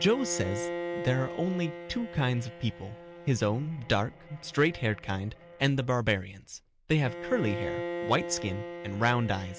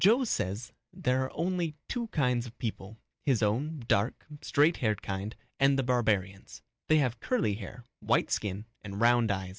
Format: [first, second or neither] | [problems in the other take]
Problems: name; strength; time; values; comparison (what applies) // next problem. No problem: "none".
second | background sound (Bowed string instrument); 9 dB below the speech